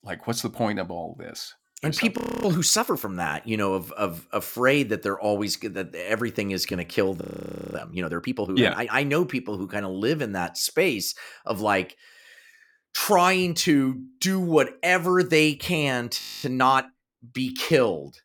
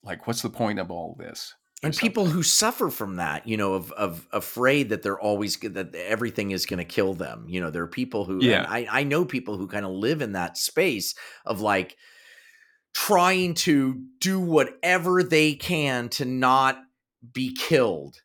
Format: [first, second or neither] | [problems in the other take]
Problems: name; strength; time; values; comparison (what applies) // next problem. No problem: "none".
second | audio freezing; at 2 s, at 7 s for 0.5 s and at 16 s